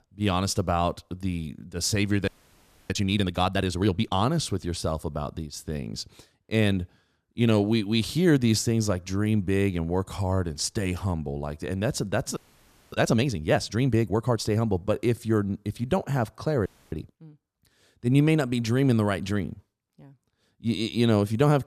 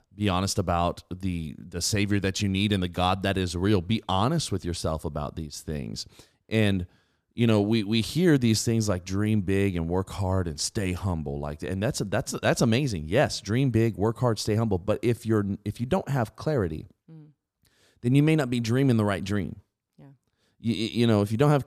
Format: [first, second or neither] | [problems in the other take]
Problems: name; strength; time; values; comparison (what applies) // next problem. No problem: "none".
second | audio freezing; at 2.5 s for 0.5 s, at 12 s for 0.5 s and at 17 s